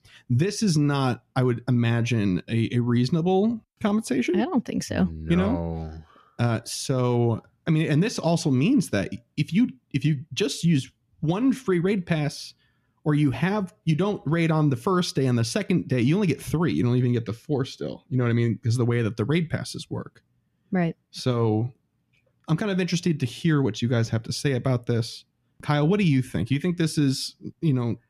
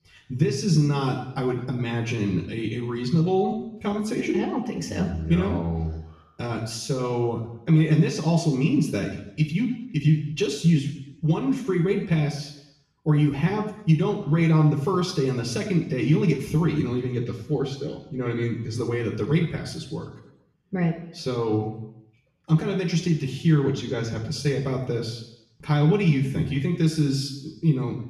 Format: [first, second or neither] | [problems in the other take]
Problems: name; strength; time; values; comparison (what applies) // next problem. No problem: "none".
first | room echo; noticeable; dies away in 0.7 s // off-mic speech; far